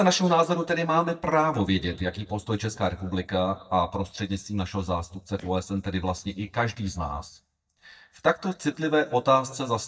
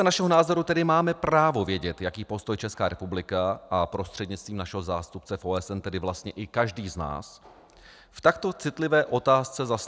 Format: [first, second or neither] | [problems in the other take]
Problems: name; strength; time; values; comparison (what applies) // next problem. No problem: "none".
second | noise reduction (neural mask model DeepFilterNet 3)